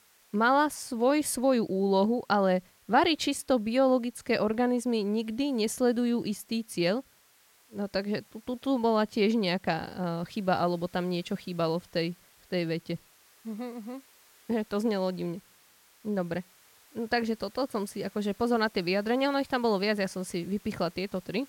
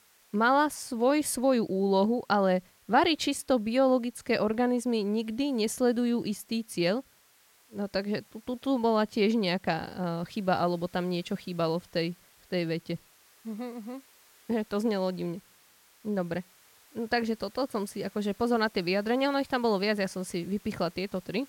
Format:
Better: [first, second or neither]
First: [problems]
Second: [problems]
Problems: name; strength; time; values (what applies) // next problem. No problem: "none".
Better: neither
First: hiss; faint; throughout; 30 dB below the speech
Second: hiss; faint; throughout; 30 dB below the speech